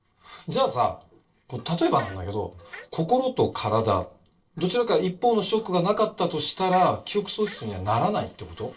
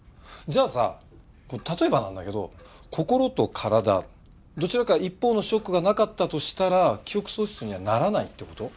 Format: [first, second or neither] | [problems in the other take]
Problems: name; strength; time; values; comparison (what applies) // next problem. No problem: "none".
second | noise reduction (neural separator model SepFormer DNS4)